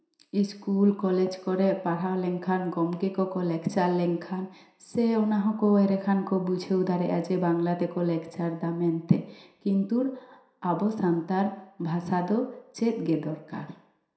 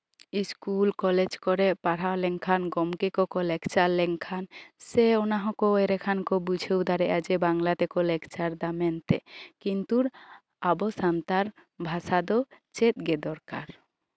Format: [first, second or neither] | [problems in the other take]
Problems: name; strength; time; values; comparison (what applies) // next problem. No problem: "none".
second | room echo; dies away in 0.7 s